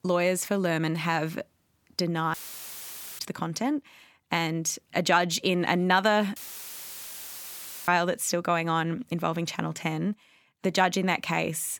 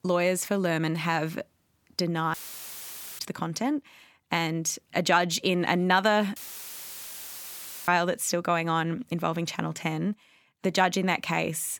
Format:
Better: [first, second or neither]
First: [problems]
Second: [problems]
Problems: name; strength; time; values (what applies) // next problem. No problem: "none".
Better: neither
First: audio cutting out; filled with static; at 2.5 s for 1 s and at 6.5 s for 1.5 s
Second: audio cutting out; filled with static; at 2.5 s for 1 s and at 6.5 s for 1.5 s